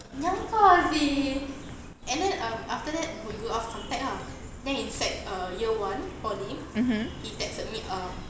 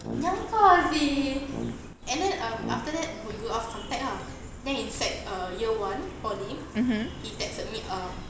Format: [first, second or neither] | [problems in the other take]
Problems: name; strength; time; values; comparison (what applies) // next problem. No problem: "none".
first | background sound (Brass instrument); 9 dB below the speech